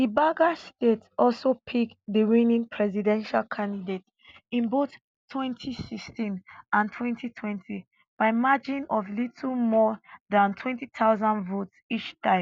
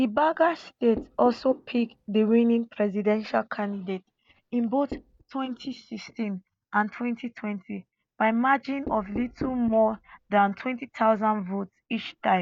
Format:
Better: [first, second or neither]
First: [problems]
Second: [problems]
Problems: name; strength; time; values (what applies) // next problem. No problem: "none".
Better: first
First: none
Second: noise reduction (neural mask model DeepFilterNet 3)